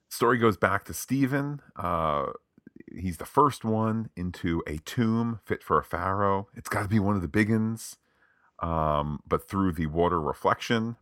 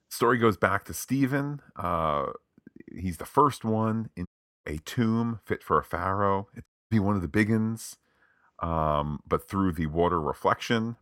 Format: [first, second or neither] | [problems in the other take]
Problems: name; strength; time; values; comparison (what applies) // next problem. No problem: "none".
first | audio cutting out; at 4.5 s and at 6.5 s